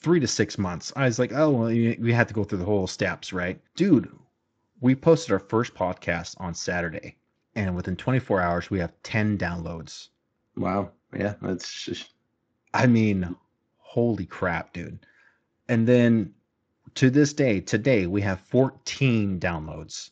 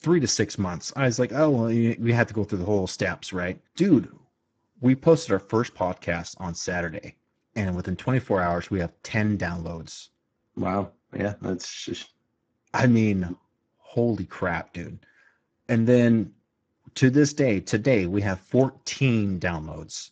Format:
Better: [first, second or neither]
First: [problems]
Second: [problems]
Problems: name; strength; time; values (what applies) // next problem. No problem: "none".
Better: first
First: garbled, watery; slightly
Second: garbled, watery; badly